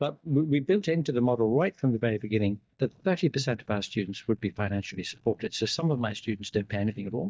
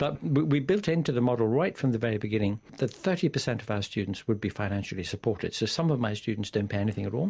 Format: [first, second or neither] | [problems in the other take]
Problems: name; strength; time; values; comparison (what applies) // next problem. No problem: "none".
second | noise reduction (neural mask model DeepFilterNet 3)